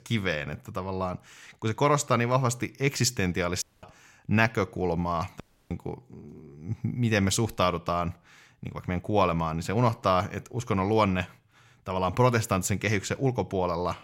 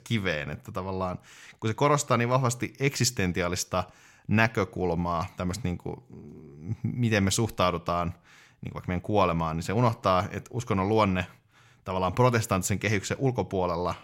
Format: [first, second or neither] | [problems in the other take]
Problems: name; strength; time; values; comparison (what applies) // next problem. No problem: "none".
second | audio cutting out; at 3.5 s and at 5.5 s